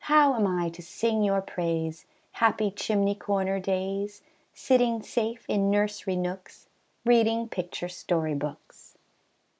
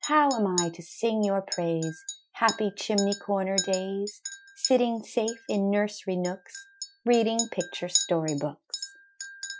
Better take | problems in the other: first | noise reduction (classical method Wiener filter)

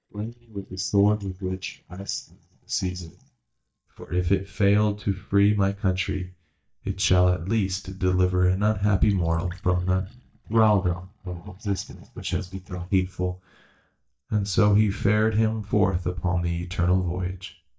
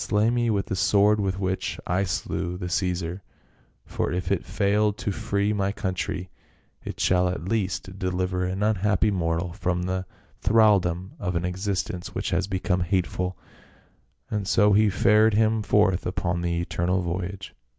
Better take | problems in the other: second | noise reduction (neural mask model DeepFilterNet 3)

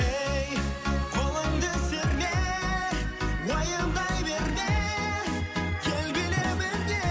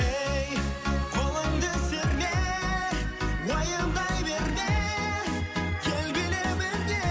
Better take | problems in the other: second | background sound (Drum); 19 dB below the speech

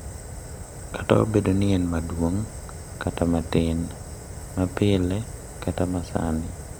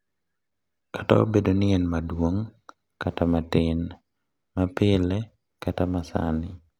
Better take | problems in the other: second | background sound (Fire); 11 dB below the speech

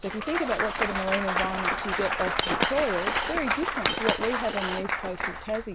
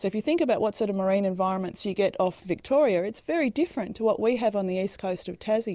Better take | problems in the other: second | background sound (Applause / Cheering / Clapping + Coin (dropping)); 2 dB above the speech

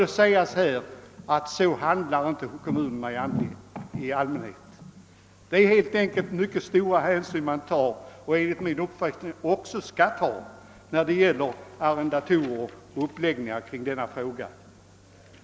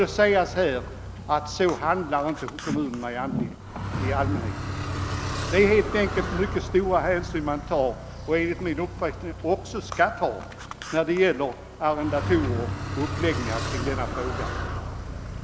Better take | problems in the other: first | background sound (Car); 6 dB below the speech

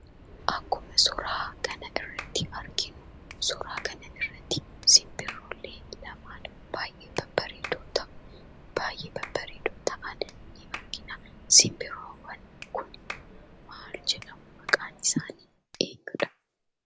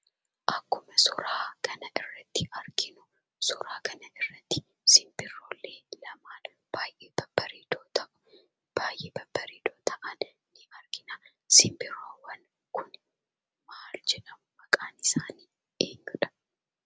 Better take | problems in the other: second | background sound (Clapping + Subway, metro, underground); 14 dB below the speech

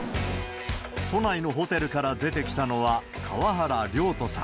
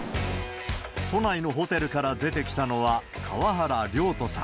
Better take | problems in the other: second | background sound (Piano); 18 dB below the speech

